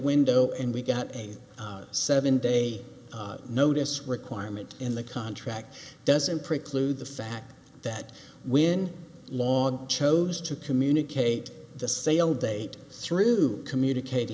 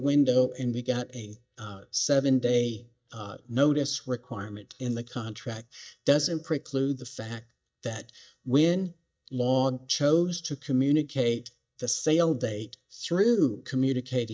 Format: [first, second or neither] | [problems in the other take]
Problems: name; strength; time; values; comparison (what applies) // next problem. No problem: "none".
first | noise reduction (neural mask model DeepFilterNet 3)